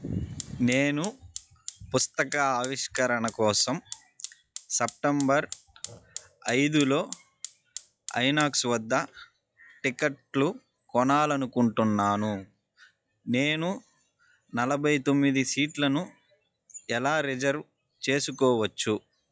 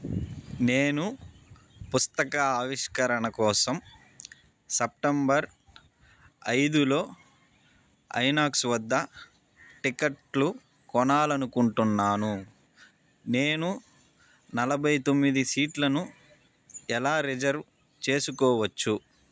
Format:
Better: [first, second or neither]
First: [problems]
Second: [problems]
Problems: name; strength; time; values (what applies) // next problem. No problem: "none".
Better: second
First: noise reduction (classical method log-MMSE)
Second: none